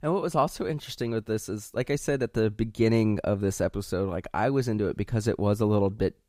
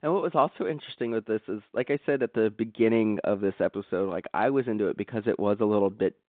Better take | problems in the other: first | phone-call audio; nothing above 3.5 kHz

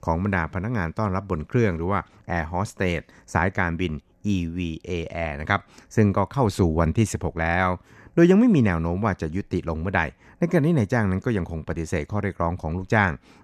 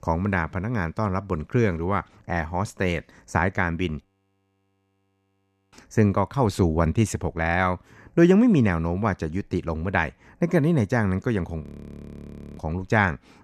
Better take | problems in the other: first | audio freezing; at 4 s for 1.5 s and at 12 s for 1 s

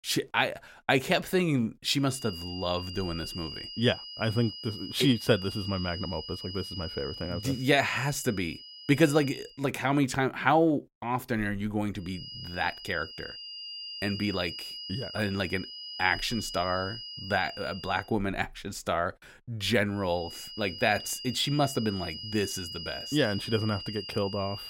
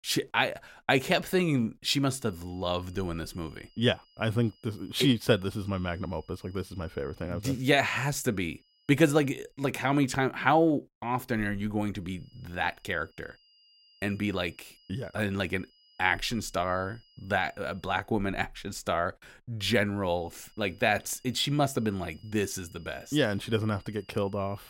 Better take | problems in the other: second | high-pitched whine; loud; from 2 to 9.5 s, from 12 to 18 s and from 20 s on; 5 kHz, 10 dB below the speech; faint in the second

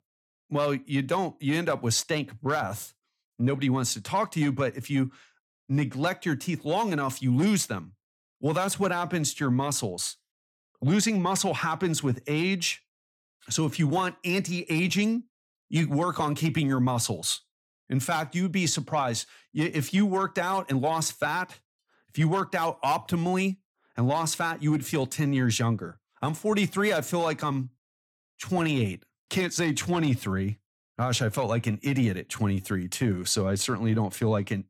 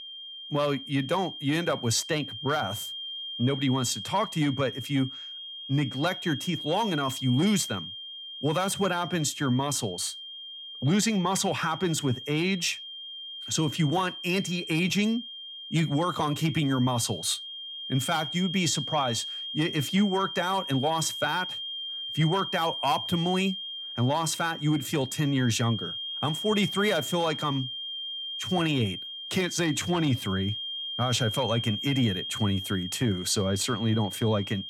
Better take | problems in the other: first | high-pitched whine; loud; throughout; 3 kHz, 7 dB below the speech

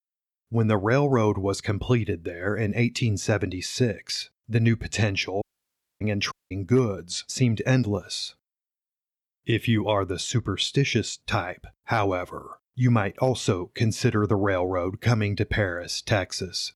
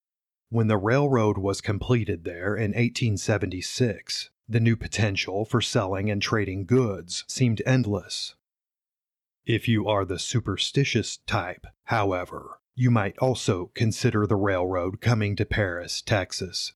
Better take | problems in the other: second | audio cutting out; at 5.5 s for 0.5 s and at 6.5 s

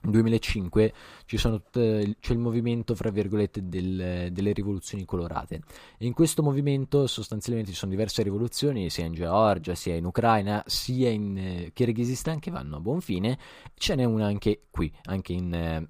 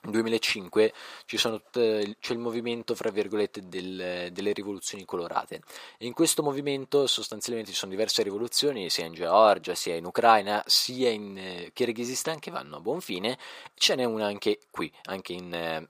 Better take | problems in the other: first | thin; somewhat; fading below 450 Hz

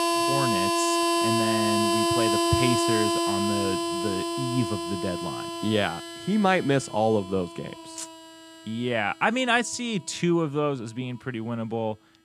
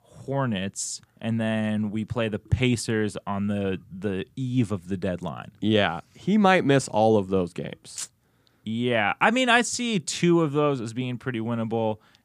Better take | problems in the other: second | background music; very loud; throughout; 2 dB above the speech

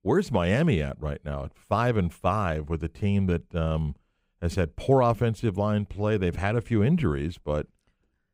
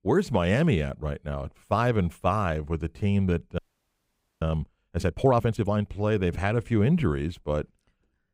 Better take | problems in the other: first | audio freezing; at 3.5 s for 1 s

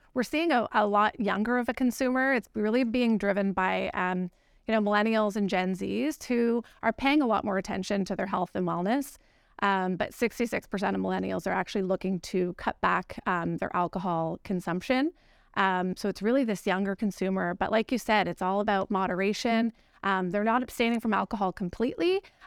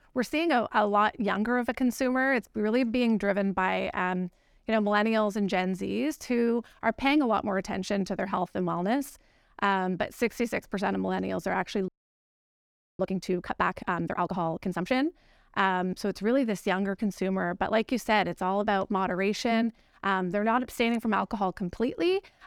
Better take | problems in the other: first | audio freezing; at 12 s for 1 s

